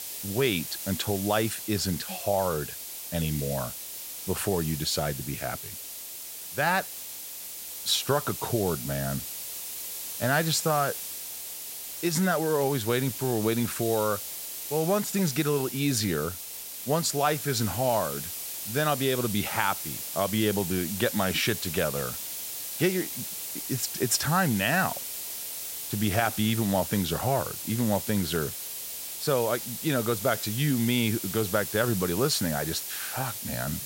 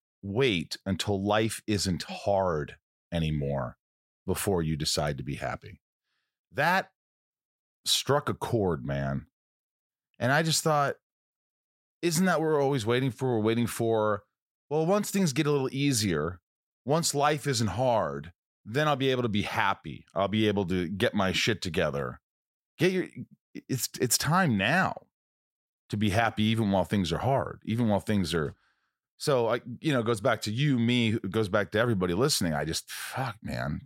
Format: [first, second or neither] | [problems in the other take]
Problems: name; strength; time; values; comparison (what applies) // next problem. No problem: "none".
second | hiss; loud; throughout; 6 dB below the speech